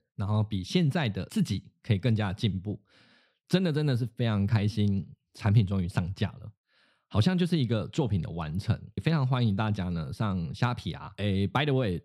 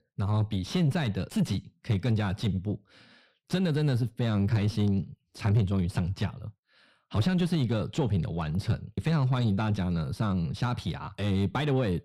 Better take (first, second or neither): first